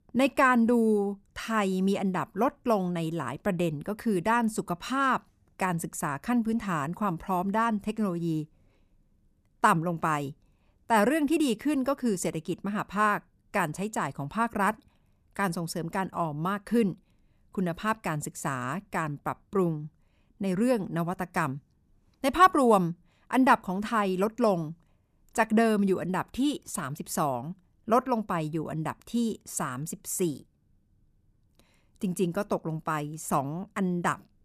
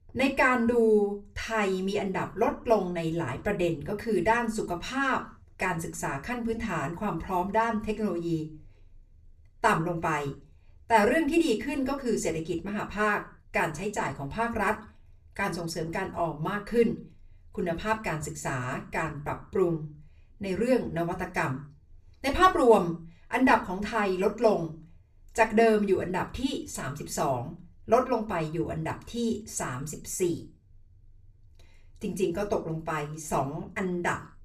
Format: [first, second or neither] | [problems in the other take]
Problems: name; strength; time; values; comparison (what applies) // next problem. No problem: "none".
first | room echo; very slight; dies away in 0.3 s // off-mic speech; far